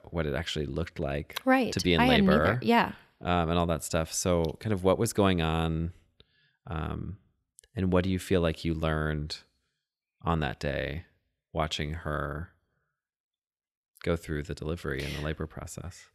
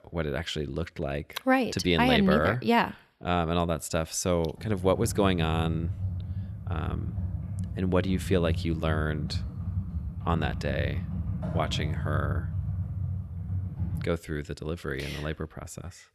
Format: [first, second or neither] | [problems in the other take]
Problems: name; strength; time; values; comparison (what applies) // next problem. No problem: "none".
first | keyboard typing; noticeable; from 4.5 to 14 s; peak 3 dB below the speech